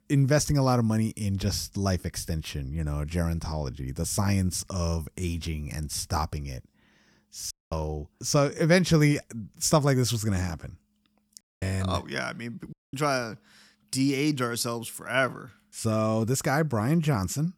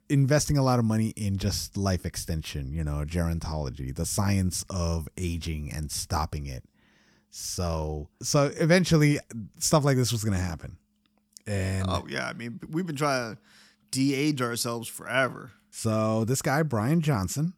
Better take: second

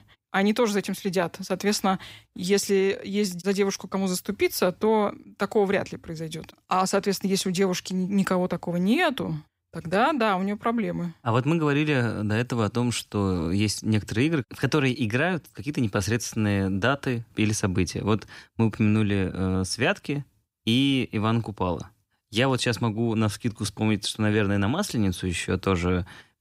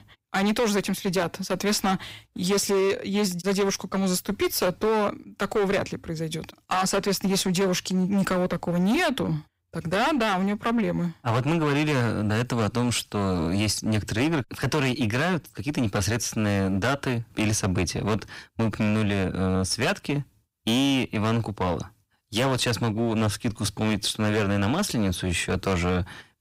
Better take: first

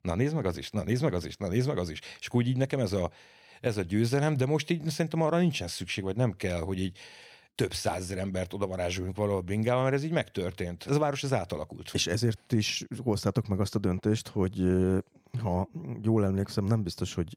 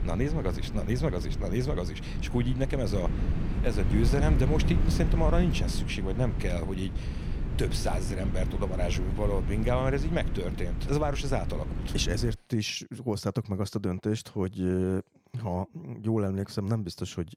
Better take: first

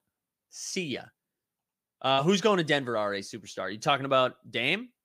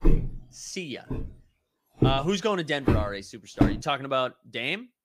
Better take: first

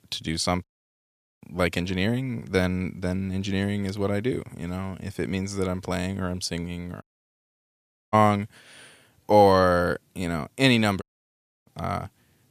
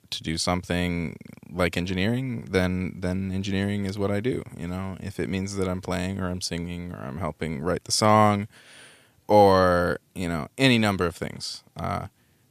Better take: second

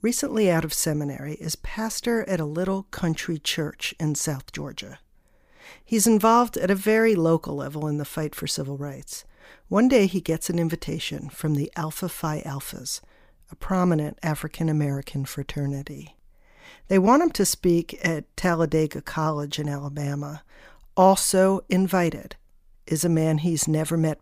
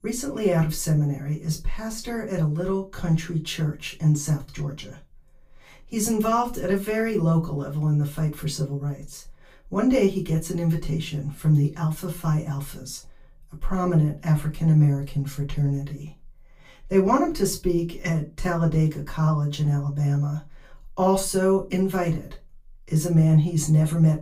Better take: first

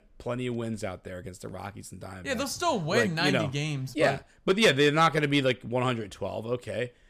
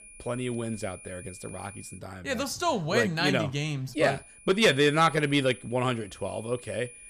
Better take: first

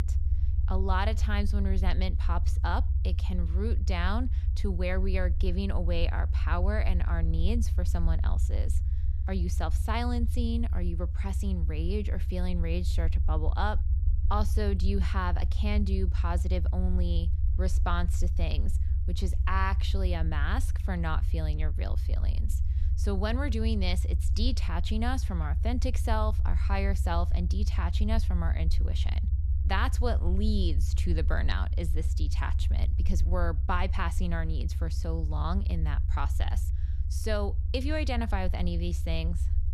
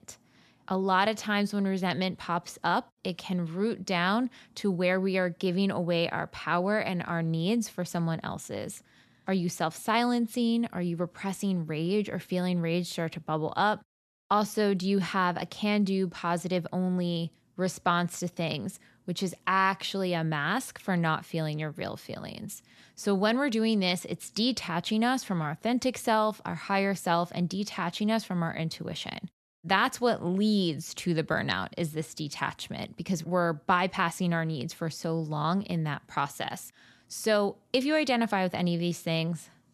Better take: second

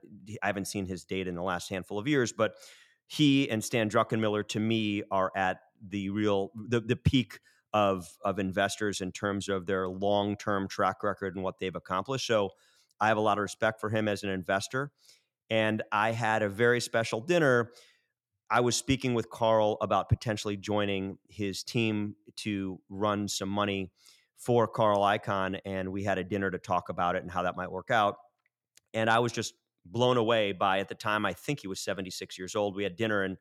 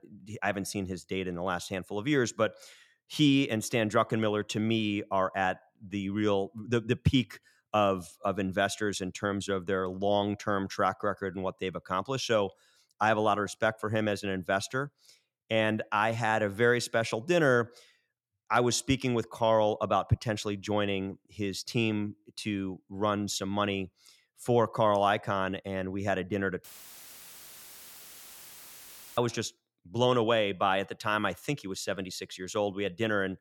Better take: first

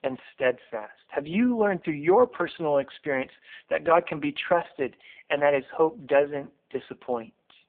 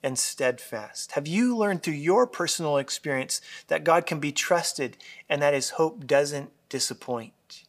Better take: second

